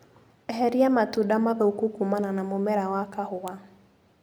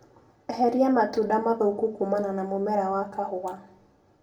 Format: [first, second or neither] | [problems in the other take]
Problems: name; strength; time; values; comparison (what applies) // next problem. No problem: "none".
first | room echo; dies away in 0.2 s